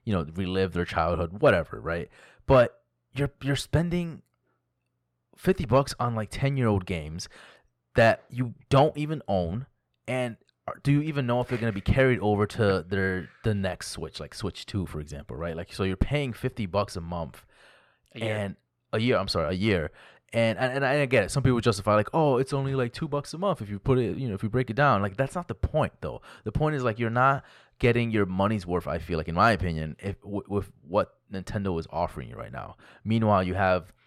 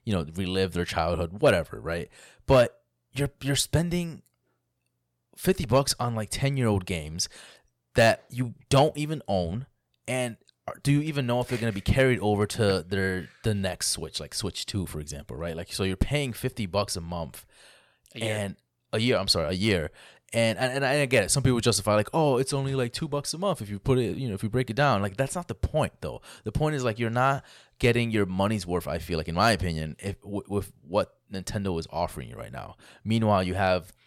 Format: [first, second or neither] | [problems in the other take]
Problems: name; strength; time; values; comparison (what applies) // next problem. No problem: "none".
second | muffled; slightly; fading above 3.5 kHz